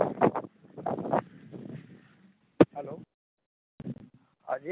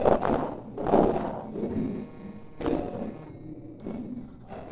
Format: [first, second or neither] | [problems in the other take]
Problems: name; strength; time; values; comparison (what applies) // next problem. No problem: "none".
first | noise reduction (neural separator model SepFormer DNS4)